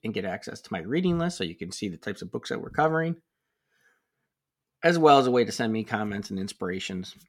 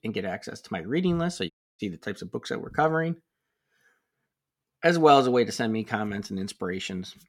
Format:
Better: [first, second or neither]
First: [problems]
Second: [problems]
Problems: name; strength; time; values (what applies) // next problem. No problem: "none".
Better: first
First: none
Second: audio cutting out; at 1.5 s